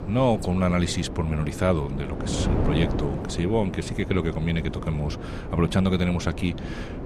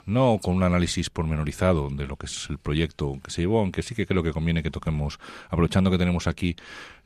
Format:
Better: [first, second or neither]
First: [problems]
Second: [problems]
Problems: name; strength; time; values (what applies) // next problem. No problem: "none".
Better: second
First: wind noise on the microphone; heavy; 7 dB below the speech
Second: none